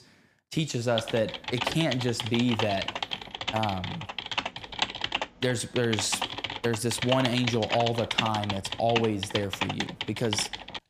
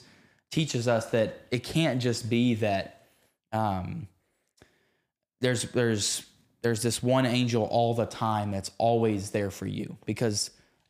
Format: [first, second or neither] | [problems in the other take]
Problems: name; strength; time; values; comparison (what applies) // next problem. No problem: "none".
second | keyboard typing; loud; from 1 s on; peak 1 dB above the speech